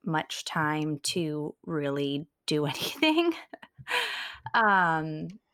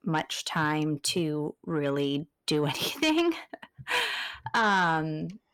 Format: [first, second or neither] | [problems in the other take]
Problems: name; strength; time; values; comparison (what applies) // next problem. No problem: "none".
first | distortion; slight; 10 dB below the speech